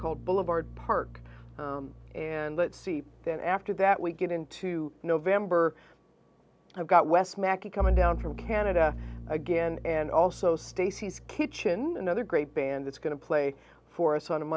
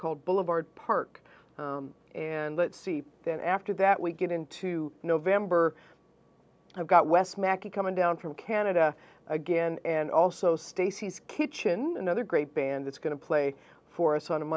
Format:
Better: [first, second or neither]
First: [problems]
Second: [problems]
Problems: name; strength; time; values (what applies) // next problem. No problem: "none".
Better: second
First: background sound (Bowed string instrument); 10 dB below the speech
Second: none